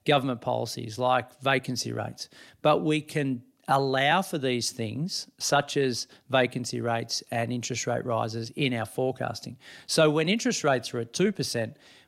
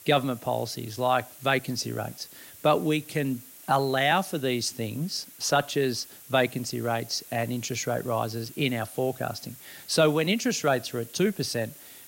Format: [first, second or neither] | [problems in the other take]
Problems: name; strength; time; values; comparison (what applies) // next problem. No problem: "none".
first | hiss; noticeable; throughout; 20 dB below the speech